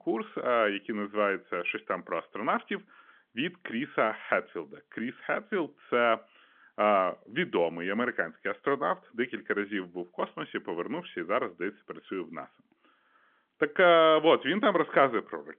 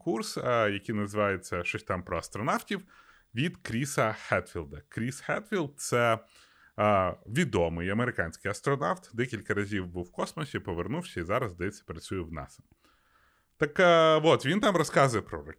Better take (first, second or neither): second